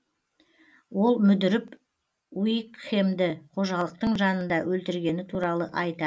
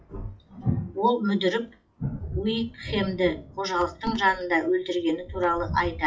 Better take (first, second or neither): first